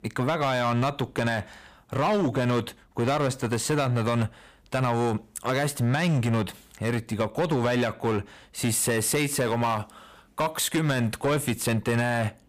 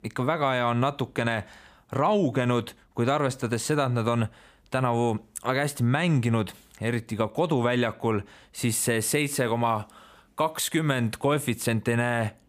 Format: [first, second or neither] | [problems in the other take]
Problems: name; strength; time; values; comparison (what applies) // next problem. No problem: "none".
second | distortion; slight; 10% of the sound clipped